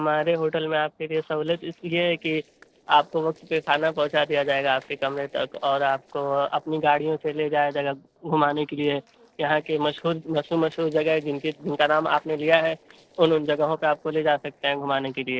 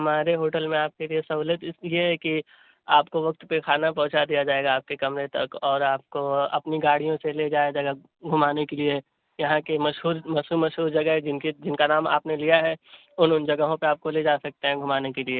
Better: second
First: noise reduction (neural separator model SepFormer DNS4)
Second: none

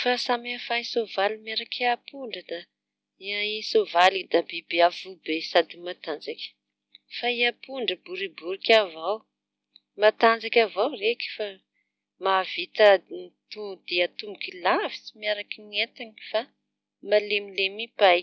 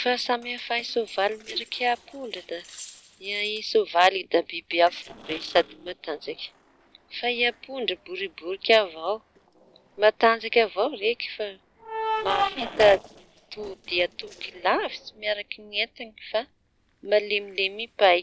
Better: first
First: none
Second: noise reduction (neural separator model SepFormer DNS4)

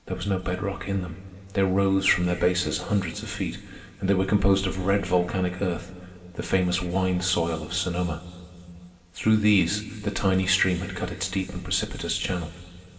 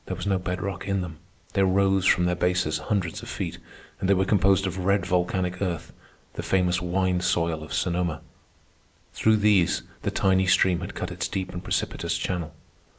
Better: second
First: room echo; dies away in 2.3 s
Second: none

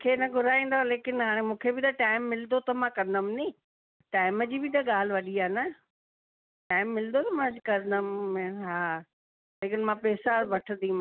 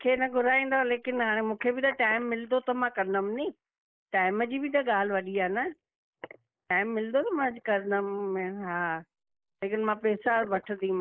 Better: first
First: none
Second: noise reduction (neural mask model Resemble Enhance denoiser)

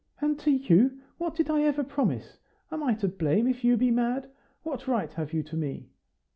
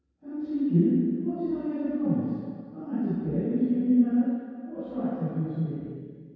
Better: first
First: none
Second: room echo; dies away in 2 s

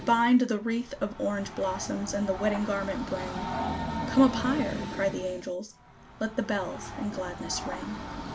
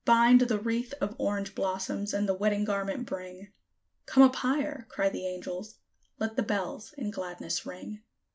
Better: second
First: background sound (Train); 7 dB below the speech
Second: none

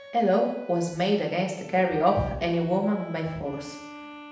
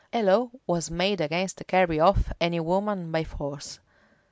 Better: second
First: background sound (Bowed string instrument); 19 dB below the speech // room echo; dies away in 0.8 s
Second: none

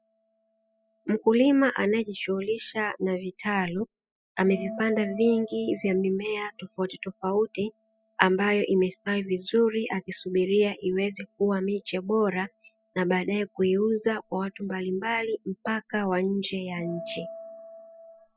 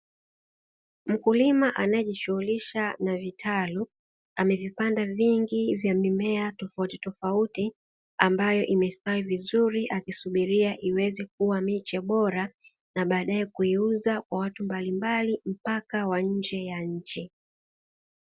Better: second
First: noise reduction (classical method spectral subtraction)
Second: none

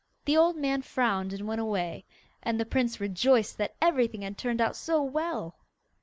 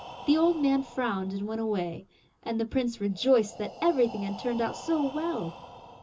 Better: first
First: none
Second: background sound (Breathing); 17 dB below the speech // room echo; dies away in 0.2 s

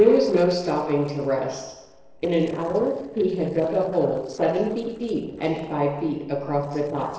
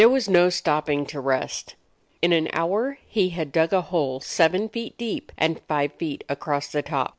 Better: second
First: noise reduction (neural separator model SepFormer DNS4)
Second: none

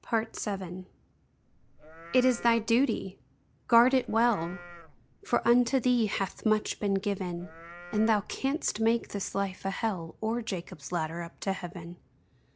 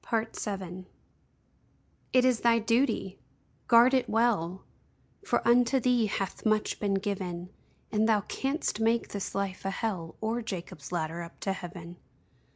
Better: second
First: background sound (Livestock, farm animals, working animals); 18 dB below the speech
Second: none

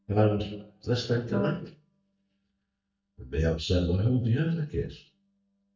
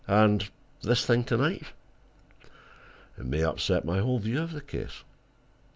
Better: second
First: noise reduction (neural mask model DeepFilterNet 3)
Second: none

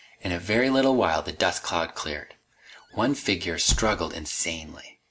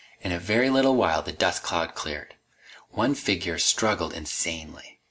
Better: second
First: background sound (Squeak / Slam / Wood); 12 dB below the speech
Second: none

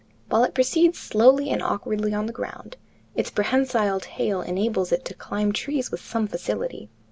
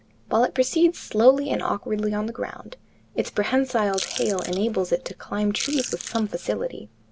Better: first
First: none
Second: background sound (Chewing, mastication / Crushing); 10 dB below the speech

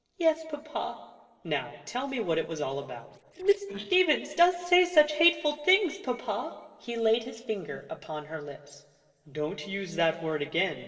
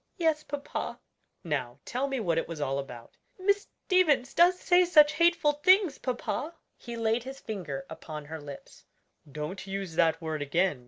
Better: second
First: noise reduction (neural separator model SepFormer DNS4)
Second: none

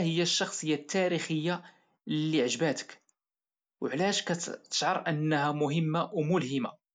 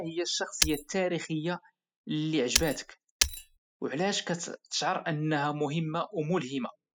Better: first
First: none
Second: noise reduction (classical method spectral subtraction)

